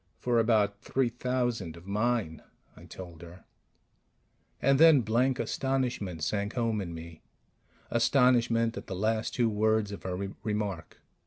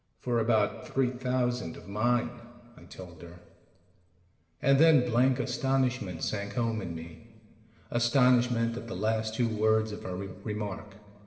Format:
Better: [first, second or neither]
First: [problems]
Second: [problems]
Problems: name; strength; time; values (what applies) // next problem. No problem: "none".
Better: first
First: none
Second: room echo; dies away in 2 s